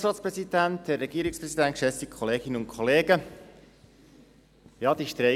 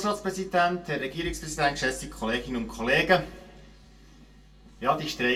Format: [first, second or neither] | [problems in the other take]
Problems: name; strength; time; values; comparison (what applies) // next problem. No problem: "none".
first | room echo; dies away in 0.2 s